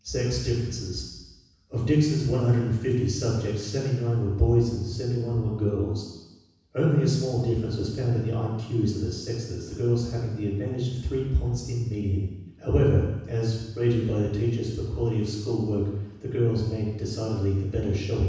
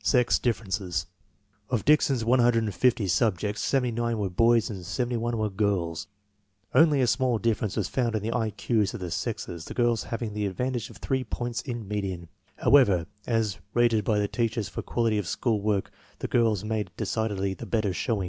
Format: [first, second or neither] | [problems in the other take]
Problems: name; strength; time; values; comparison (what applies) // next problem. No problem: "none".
second | room echo; dies away in 1.1 s